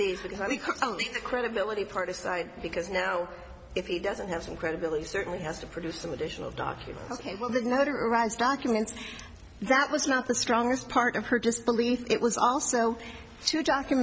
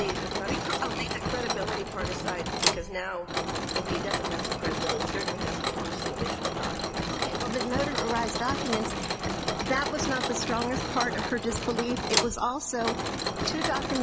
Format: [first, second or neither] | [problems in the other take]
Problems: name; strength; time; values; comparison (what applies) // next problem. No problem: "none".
first | background sound (Mechanisms); 2 dB above the speech